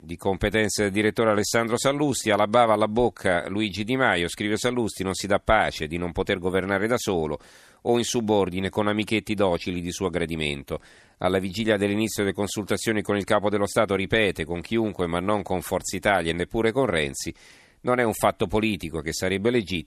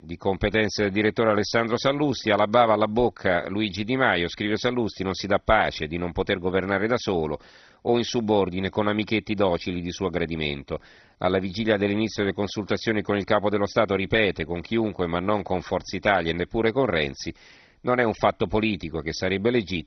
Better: first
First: none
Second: garbled, watery; badly; nothing above 6 kHz

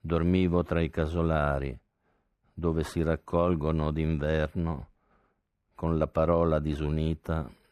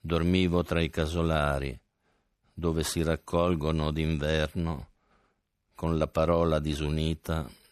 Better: second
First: muffled; slightly; fading above 2.5 kHz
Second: none

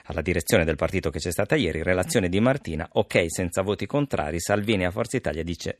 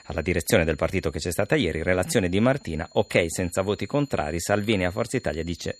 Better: first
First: none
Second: high-pitched whine; faint; throughout; 4 kHz, 25 dB below the speech

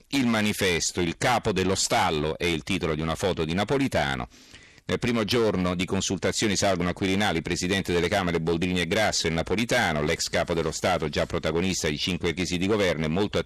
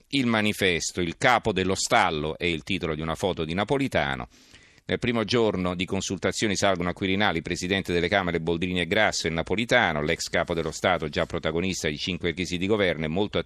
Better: second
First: distortion; heavy; 11% of the sound clipped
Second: none

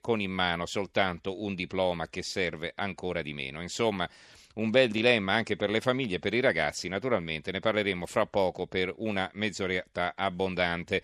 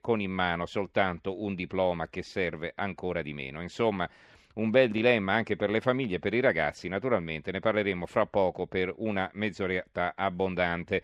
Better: first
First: none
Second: muffled; slightly; fading above 3.5 kHz

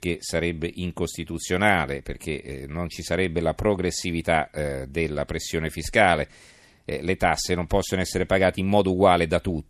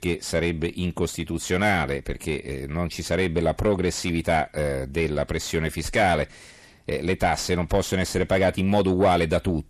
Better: first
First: none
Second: distortion; slight; 10 dB below the speech

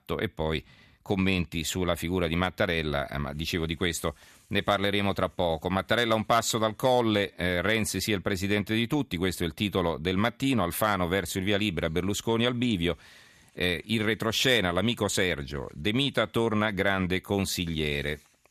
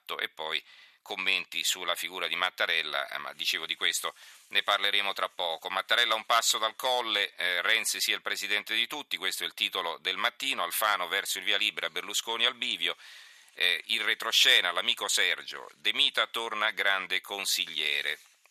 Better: first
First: none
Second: thin; very; fading below 950 Hz

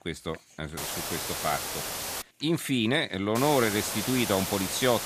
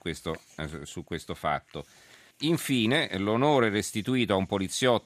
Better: second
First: hiss; loud; from 1 to 2 s and from 3.5 s on; 4 dB below the speech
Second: none

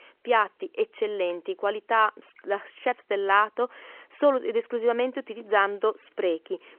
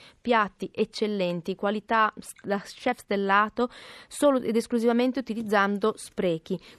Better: second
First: phone-call audio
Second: none

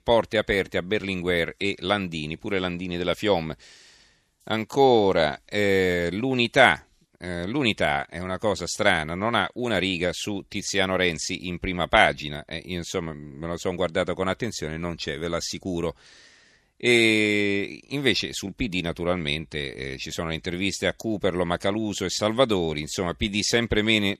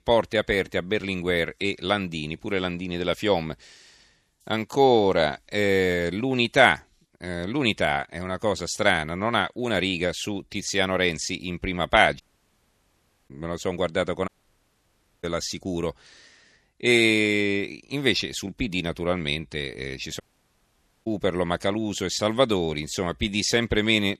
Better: first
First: none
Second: audio cutting out; at 12 s for 1 s, at 14 s for 1 s and at 20 s for 1 s

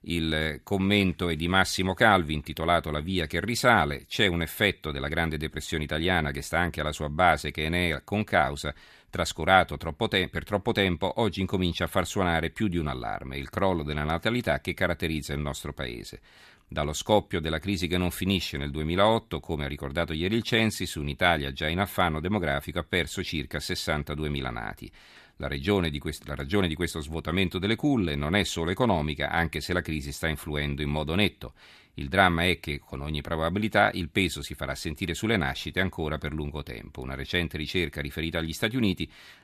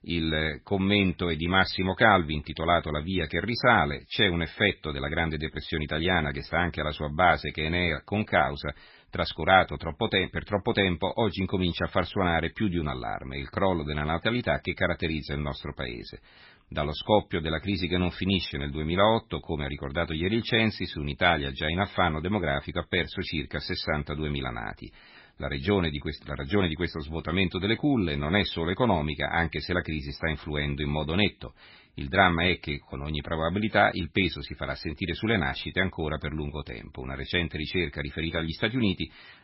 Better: first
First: none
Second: garbled, watery; badly; nothing above 5.5 kHz

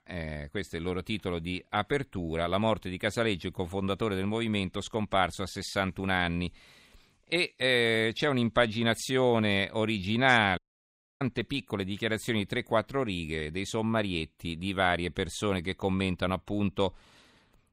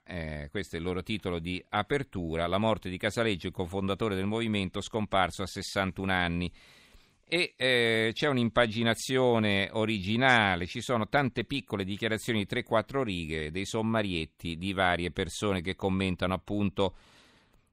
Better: second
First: audio cutting out; at 11 s for 0.5 s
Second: none

